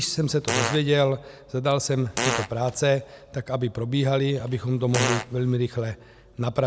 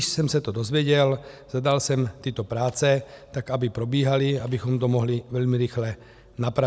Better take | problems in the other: second | background sound (Fart); 4 dB below the speech

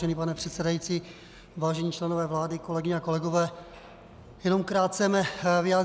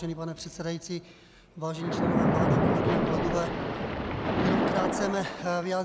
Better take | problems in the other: first | background sound (Splash, splatter); 4 dB above the speech

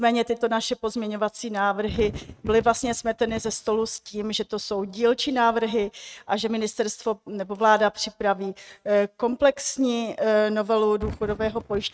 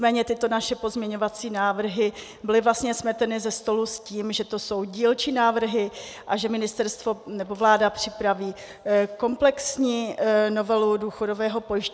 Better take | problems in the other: second | noise reduction (neural mask model RNNoise)

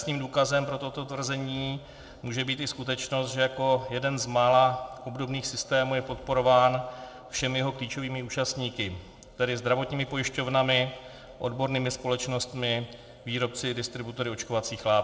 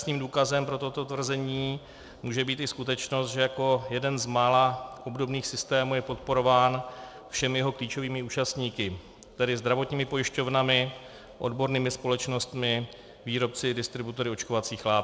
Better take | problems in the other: second | room echo; dies away in 0.7 s

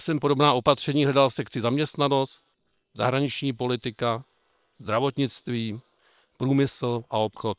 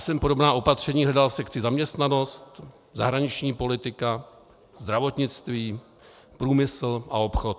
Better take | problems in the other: second | noise reduction (neural separator model SepFormer WHAM!)

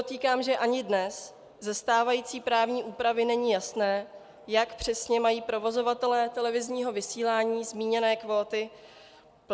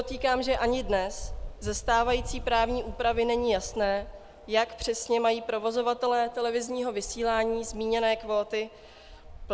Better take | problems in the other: first | background sound (Wind); 13 dB below the speech

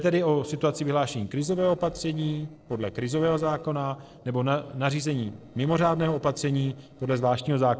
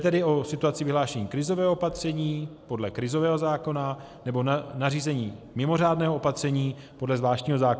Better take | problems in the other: second | noise reduction (neural separator model SepFormer DNS4)

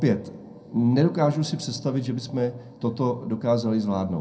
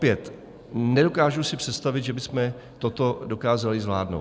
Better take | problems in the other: second | room echo; dies away in 0.2 s

